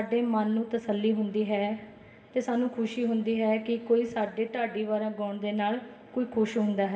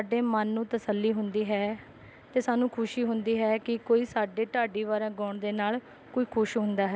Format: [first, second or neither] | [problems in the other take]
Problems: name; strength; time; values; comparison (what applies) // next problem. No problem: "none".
second | room echo; dies away in 1.6 s